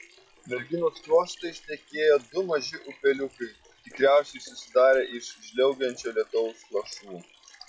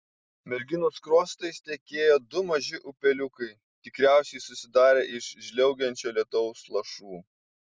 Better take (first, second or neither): second